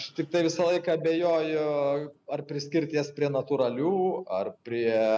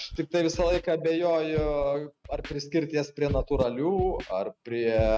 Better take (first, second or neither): first